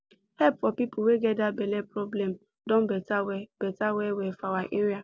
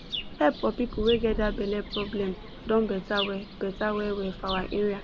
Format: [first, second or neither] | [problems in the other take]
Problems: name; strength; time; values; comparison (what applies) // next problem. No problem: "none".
first | background sound (Chirp, tweet + Thunder); 9 dB below the speech